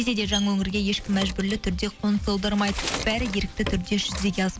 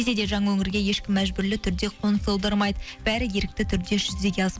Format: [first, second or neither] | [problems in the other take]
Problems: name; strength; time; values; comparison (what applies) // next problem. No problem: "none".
second | background sound (Bird); 11 dB below the speech